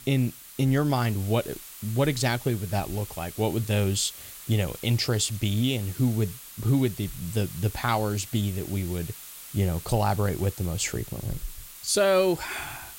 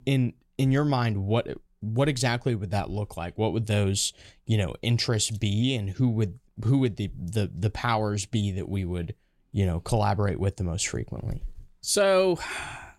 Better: second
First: hiss; noticeable; throughout; 15 dB below the speech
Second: none

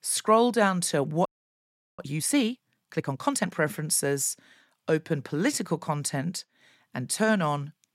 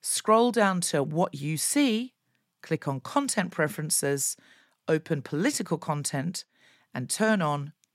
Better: second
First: audio freezing; at 1.5 s for 0.5 s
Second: none

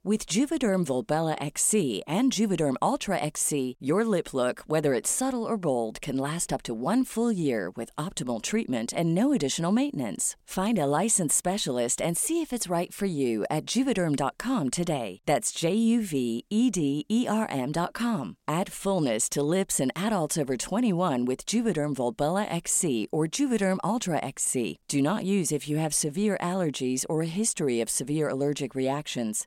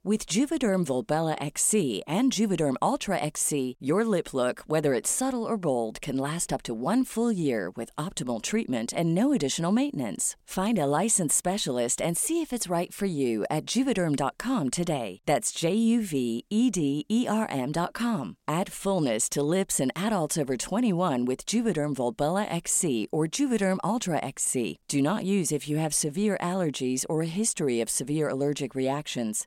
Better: neither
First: none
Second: none

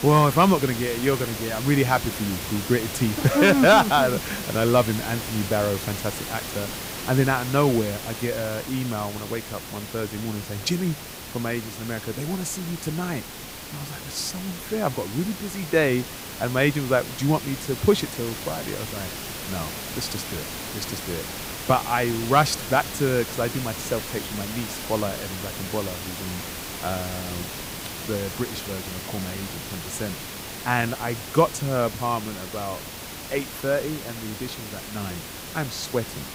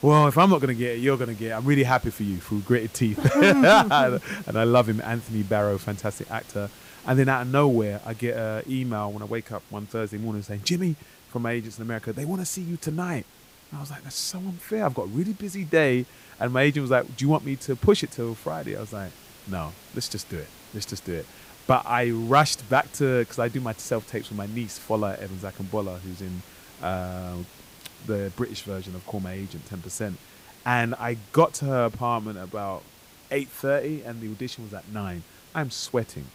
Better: second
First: hiss; loud; throughout; 8 dB below the speech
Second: hiss; faint; throughout; 25 dB below the speech

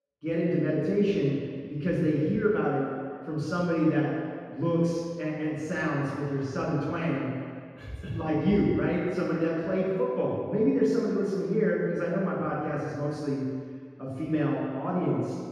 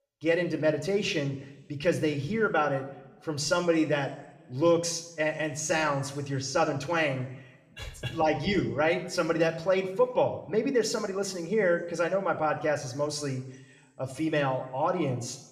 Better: second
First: room echo; strong; dies away in 1.8 s // off-mic speech; far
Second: room echo; slight; dies away in 0.9 s

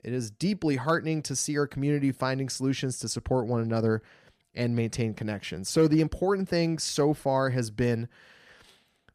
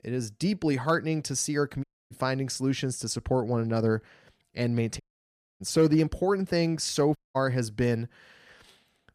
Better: first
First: none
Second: audio cutting out; at 2 s, at 5 s for 0.5 s and at 7 s

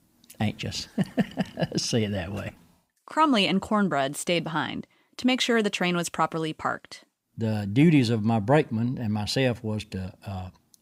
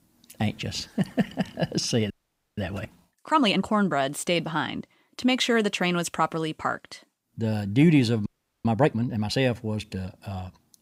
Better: first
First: none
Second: audio freezing; at 2 s and at 8.5 s

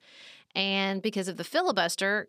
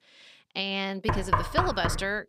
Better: first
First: none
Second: door banging; loud; at 1 s; peak 5 dB above the speech

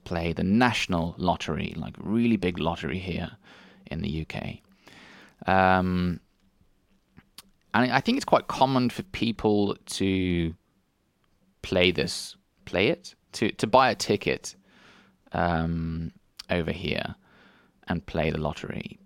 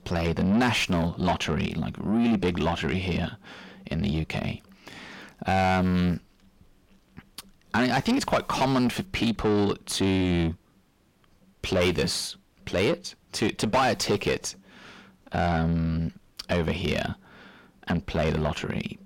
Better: first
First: none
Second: distortion; heavy; 6 dB below the speech

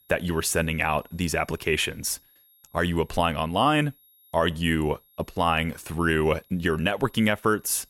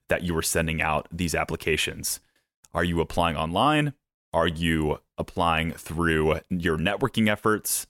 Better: second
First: high-pitched whine; faint; throughout; 11.5 kHz, 30 dB below the speech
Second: none

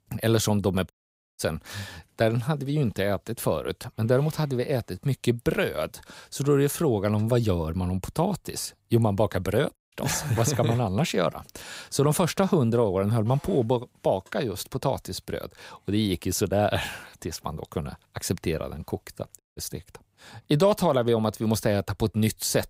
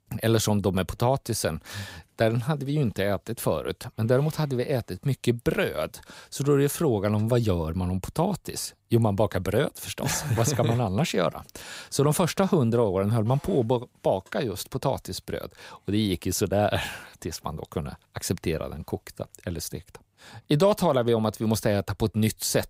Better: second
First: audio cutting out; at 1 s, at 10 s and at 19 s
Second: none

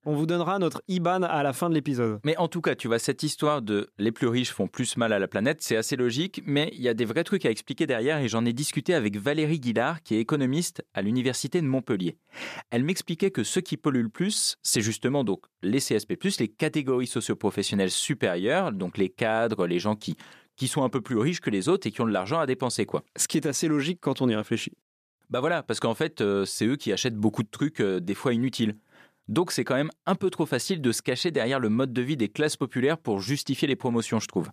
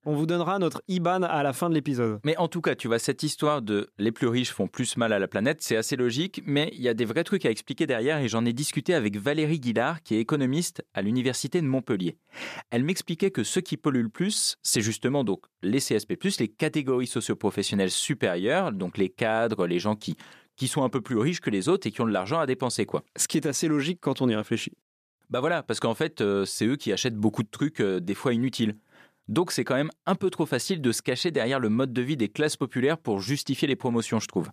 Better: neither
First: none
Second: none

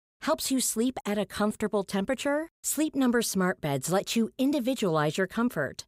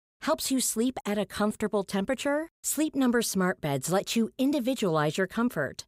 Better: neither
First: none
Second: none

